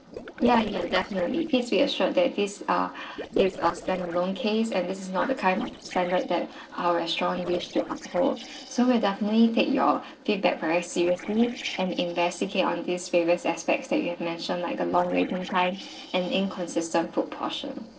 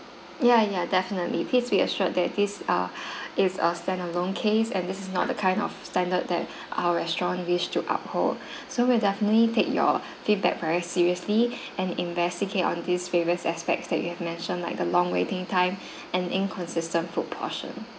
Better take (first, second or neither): second